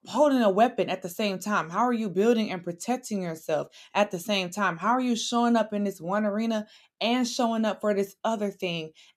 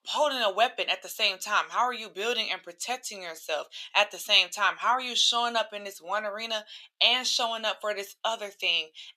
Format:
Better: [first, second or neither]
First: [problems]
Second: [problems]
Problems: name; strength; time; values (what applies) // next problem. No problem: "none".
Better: first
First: none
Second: thin; very; fading below 850 Hz